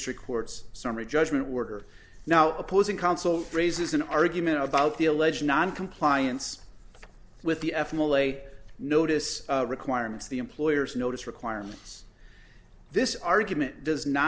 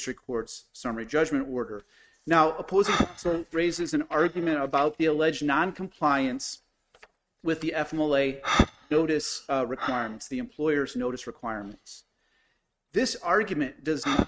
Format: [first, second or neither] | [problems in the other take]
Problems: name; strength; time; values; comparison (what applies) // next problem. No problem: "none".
first | noise reduction (neural mask model RNNoise)